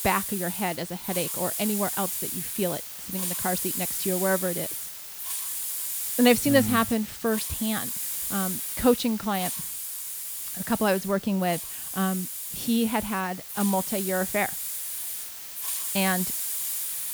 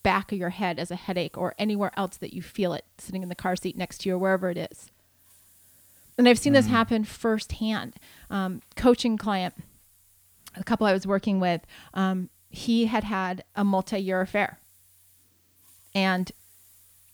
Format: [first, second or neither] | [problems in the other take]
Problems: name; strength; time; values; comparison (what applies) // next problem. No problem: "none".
second | hiss; loud; throughout; 2 dB below the speech; faint in the second